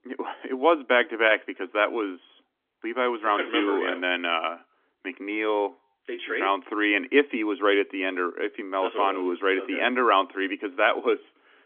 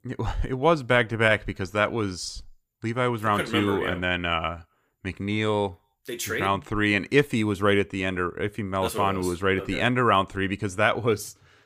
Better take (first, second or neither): second